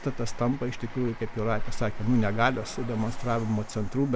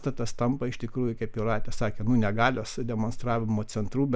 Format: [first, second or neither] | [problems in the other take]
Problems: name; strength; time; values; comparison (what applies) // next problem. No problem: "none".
second | background sound (Train); 18 dB below the speech